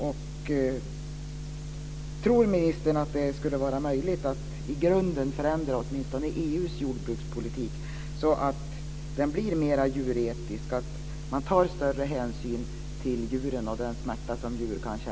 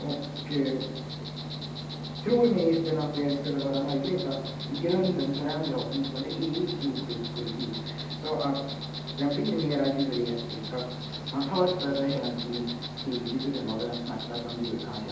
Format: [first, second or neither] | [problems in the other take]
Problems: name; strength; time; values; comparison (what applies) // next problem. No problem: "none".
first | background sound (Insect); 9 dB below the speech // room echo; dies away in 0.9 s